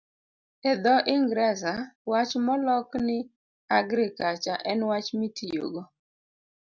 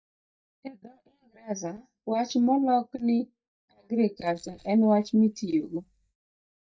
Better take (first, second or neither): first